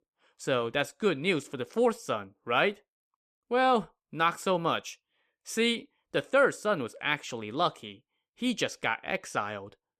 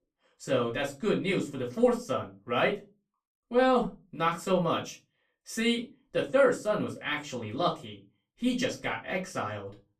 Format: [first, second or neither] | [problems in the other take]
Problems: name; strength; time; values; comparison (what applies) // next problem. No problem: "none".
first | off-mic speech; far // room echo; very slight; dies away in 0.2 s